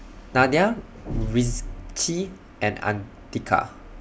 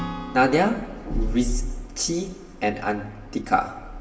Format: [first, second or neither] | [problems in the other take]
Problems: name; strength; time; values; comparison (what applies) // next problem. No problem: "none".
first | background sound (Acoustic guitar / Strum); 16 dB below the speech // room echo; dies away in 1 s